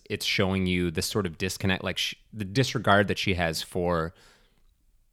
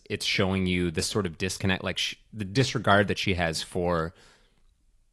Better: first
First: none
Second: garbled, watery; slightly; nothing above 11.5 kHz

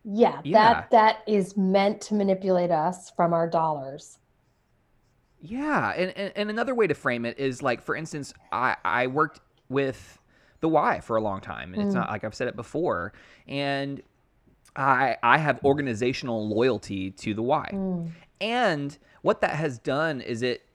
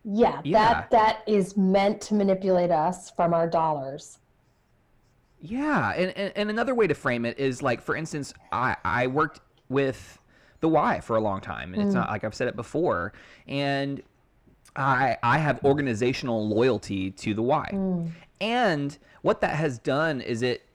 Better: first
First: none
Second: distortion; slight; 10 dB below the speech

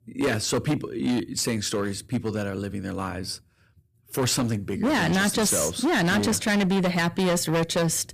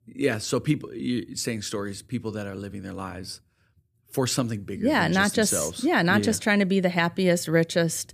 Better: second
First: distortion; heavy; 17% of the sound clipped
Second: none

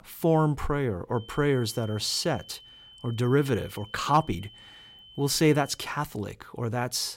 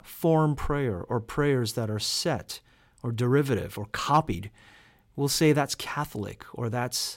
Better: second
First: high-pitched whine; faint; from 1 to 6 s; 3 kHz, 20 dB below the speech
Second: none

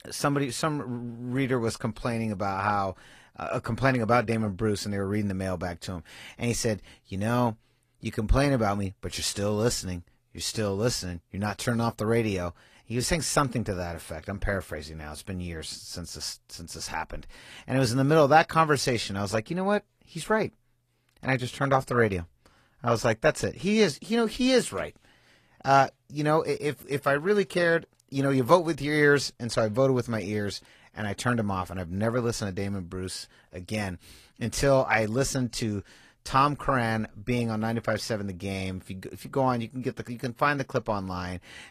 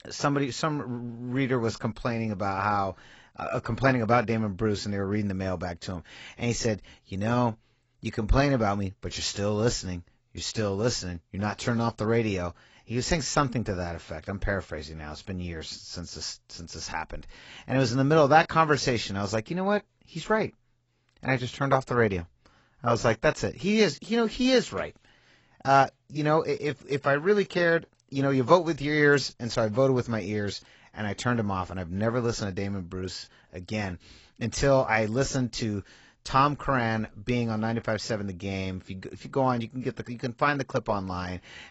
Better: first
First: garbled, watery; slightly; nothing above 14.5 kHz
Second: garbled, watery; badly; nothing above 7.5 kHz

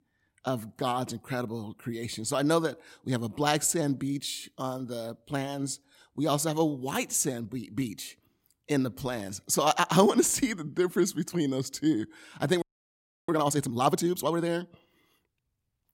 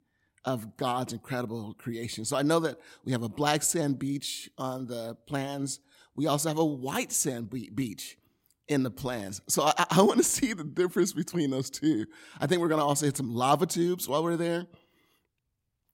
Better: second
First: audio freezing; at 13 s for 0.5 s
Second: none

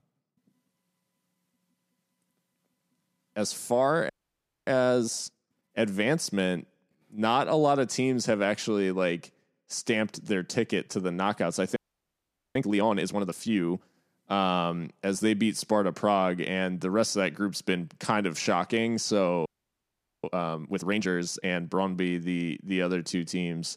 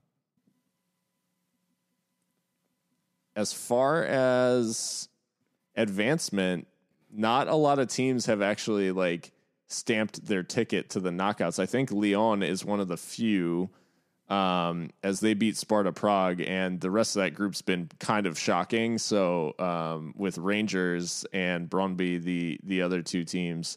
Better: second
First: audio freezing; at 4 s for 0.5 s, at 12 s for 1 s and at 19 s for 1 s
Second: none

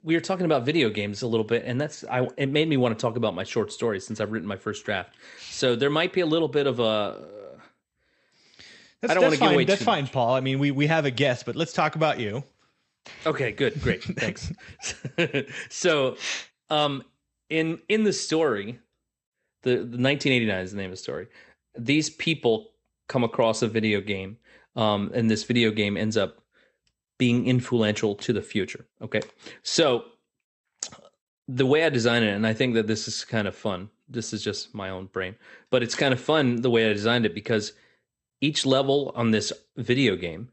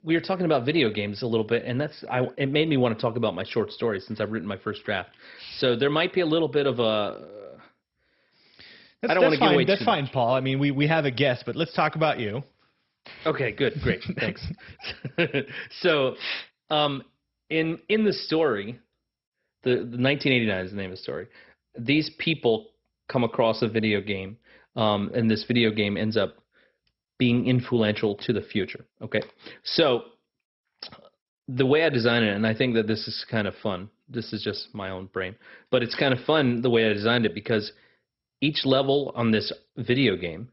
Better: first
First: garbled, watery; slightly; nothing above 8 kHz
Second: garbled, watery; badly; nothing above 5.5 kHz

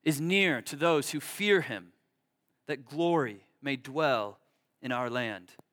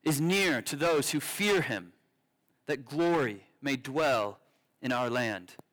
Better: first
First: none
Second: distortion; heavy; 10% of the sound clipped

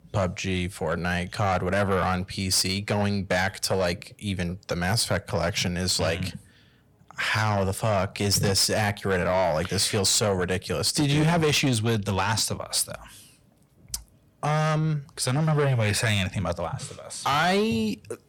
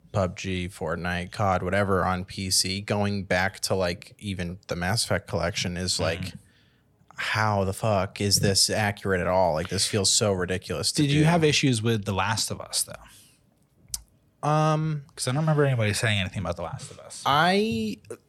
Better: second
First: distortion; slight; 10 dB below the speech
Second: none

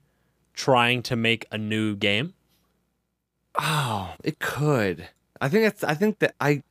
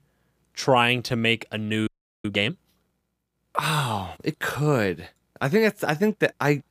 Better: first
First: none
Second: audio freezing; at 2 s

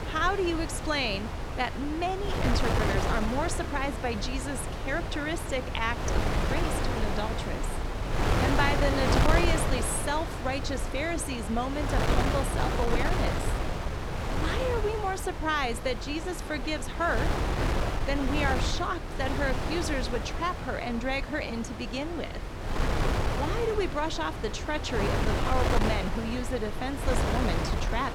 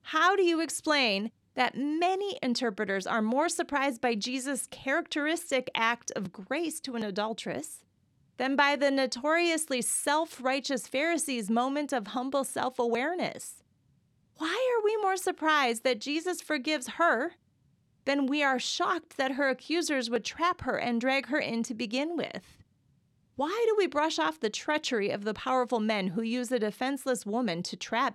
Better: second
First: wind noise on the microphone; heavy; 2 dB below the speech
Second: none

